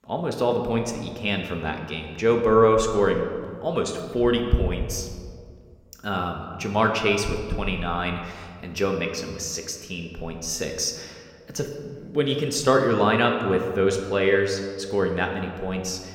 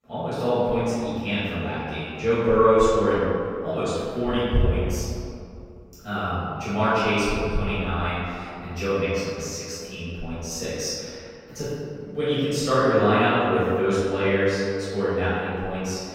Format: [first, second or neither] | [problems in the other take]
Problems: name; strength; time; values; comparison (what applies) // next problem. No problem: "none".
first | room echo; strong; dies away in 2.3 s; slight in the first // off-mic speech; far